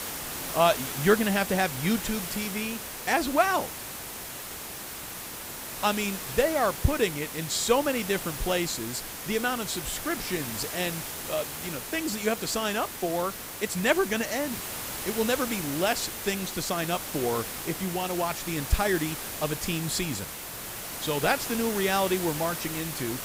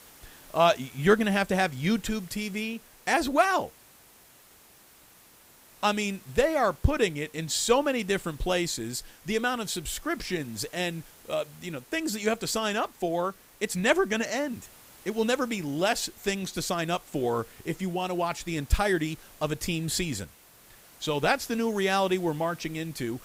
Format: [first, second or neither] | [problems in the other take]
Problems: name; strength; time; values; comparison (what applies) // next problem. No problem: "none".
second | hiss; loud; throughout; 6 dB below the speech; faint in the second